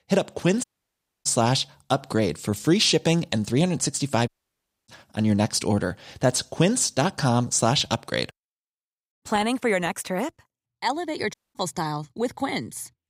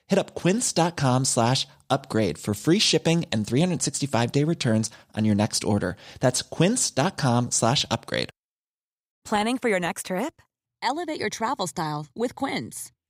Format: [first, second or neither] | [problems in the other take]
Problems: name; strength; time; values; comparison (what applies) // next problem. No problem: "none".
second | audio cutting out; at 0.5 s for 0.5 s, at 4.5 s for 0.5 s and at 11 s